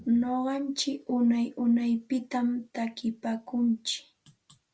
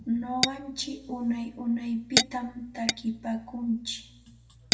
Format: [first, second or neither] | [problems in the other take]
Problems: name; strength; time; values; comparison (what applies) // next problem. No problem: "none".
first | background sound (Tap / Glass); 1 dB below the speech // room echo; dies away in 0.6 s